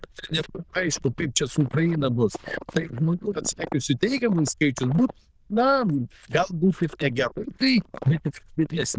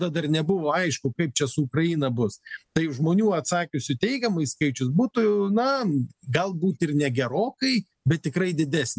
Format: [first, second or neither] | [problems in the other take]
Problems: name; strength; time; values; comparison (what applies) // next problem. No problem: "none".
second | noise reduction (neural diffusion model UNIVERSE++)